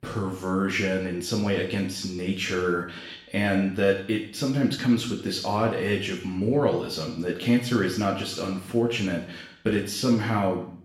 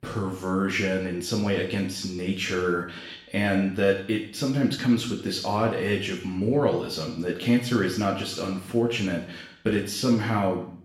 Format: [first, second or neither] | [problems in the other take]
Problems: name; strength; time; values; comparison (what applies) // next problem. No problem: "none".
neither | room echo; noticeable; dies away in 0.6 s; the same in both // off-mic speech; far; the same in both